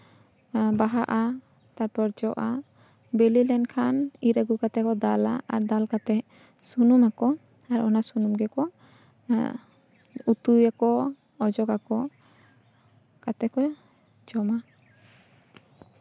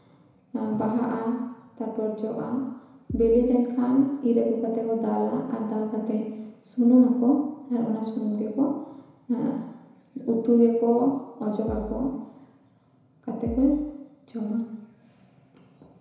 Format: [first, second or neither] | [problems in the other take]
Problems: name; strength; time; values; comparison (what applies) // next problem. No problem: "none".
first | background sound (Bass drum); 11 dB below the speech // room echo; dies away in 1 s